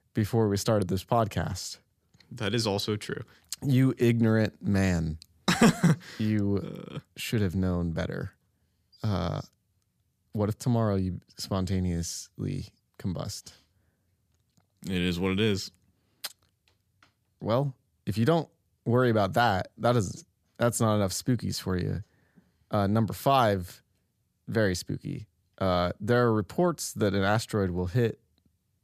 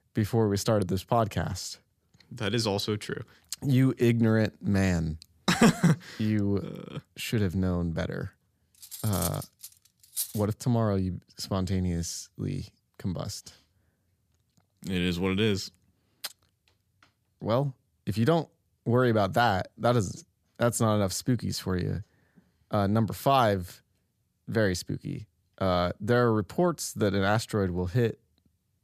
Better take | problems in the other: first | clattering dishes; noticeable; from 9 to 10 s; peak 5 dB below the speech

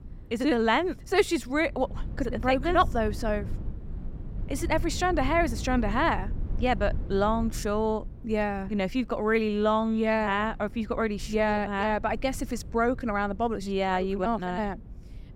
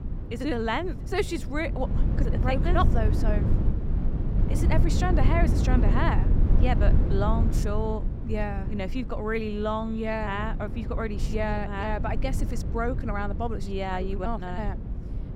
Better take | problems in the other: first | low rumble; loud; throughout; 9 dB below the speech; faint in the first

